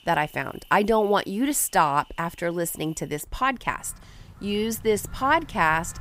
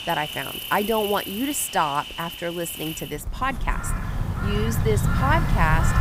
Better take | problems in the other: first | animal sounds; loud; throughout; 2 dB below the speech; faint in the first

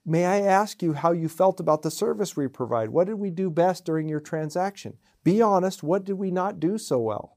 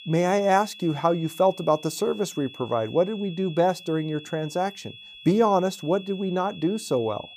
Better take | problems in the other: first | high-pitched whine; noticeable; throughout; 3.5 kHz, 15 dB below the speech

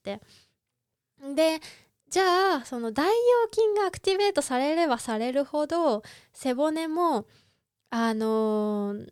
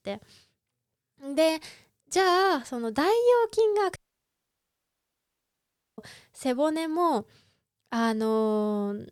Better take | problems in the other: first | audio cutting out; at 4 s for 2 s

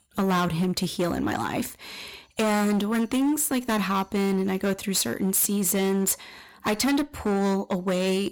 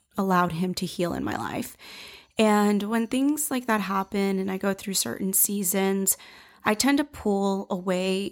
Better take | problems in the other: second | distortion; heavy; 16% of the sound clipped

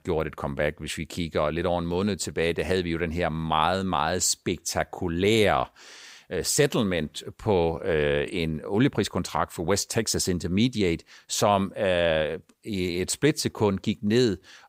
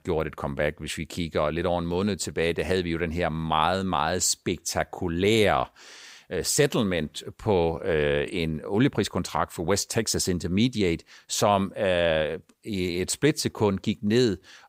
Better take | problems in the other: neither | none

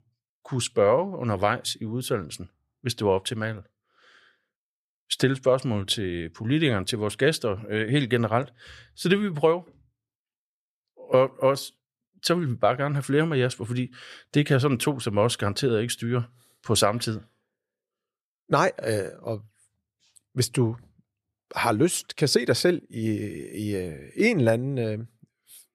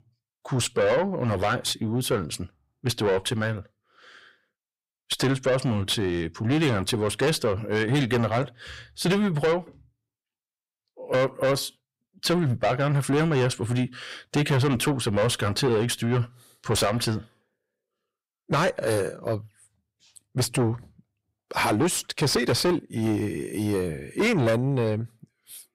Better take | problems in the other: first | distortion; heavy; 6 dB below the speech

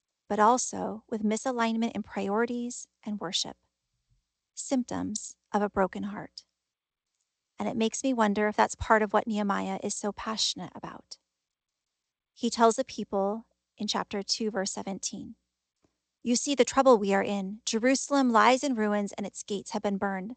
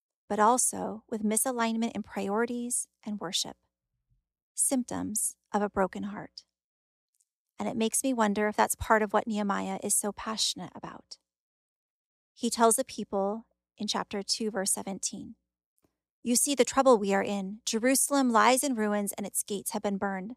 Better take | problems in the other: second | garbled, watery; slightly; nothing above 8 kHz

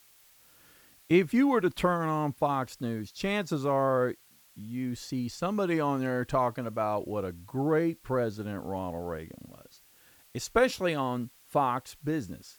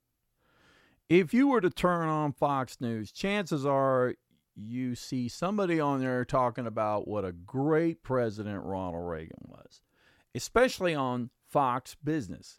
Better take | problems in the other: second | hiss; faint; throughout; 25 dB below the speech

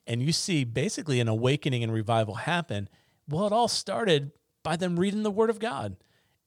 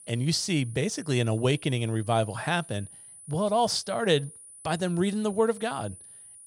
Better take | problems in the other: first | high-pitched whine; noticeable; throughout; 9.5 kHz, 20 dB below the speech

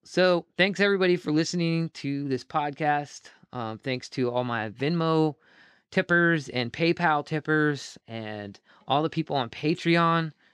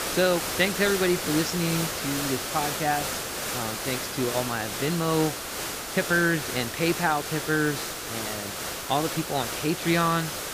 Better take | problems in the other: first | hiss; loud; throughout; 3 dB below the speech

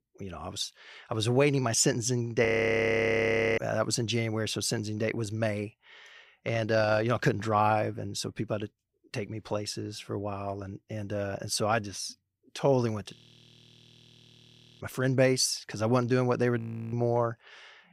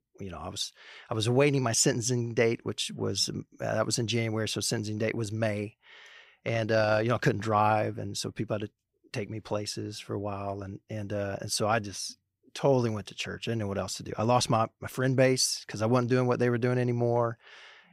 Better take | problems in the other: second | audio freezing; at 2.5 s for 1 s, at 13 s for 1.5 s and at 17 s

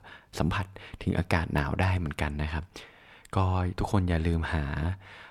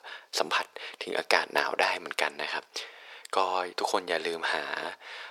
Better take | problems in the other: first | thin; very; fading below 450 Hz

